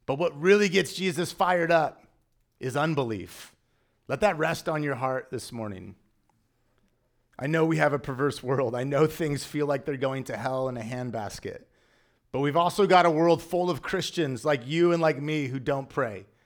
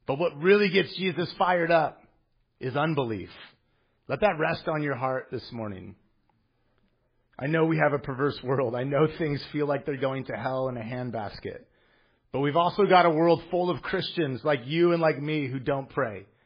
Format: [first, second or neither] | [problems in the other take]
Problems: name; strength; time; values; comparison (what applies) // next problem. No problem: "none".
first | garbled, watery; badly